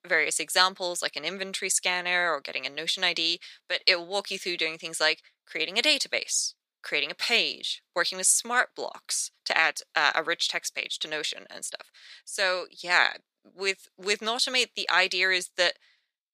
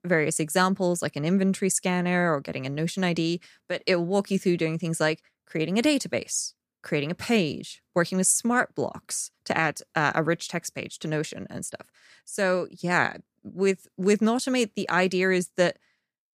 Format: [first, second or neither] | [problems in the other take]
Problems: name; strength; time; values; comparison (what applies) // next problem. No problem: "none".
second | thin; very; fading below 600 Hz